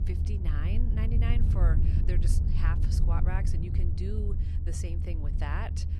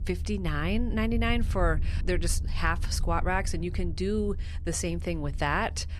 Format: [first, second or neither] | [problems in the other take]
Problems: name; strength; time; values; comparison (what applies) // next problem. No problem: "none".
second | low rumble; loud; throughout; 3 dB below the speech; faint in the second